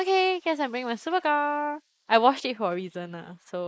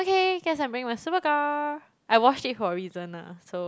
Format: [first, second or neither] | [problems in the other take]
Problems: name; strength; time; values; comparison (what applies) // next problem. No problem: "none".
second | noise reduction (neural mask model Resemble Enhance denoiser)